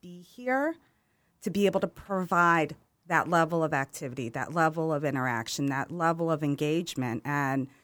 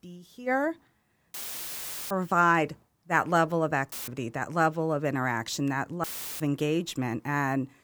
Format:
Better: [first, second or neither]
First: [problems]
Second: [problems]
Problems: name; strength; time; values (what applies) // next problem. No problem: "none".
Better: first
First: none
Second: audio cutting out; filled with static; at 1.5 s for 1 s, at 4 s and at 6 s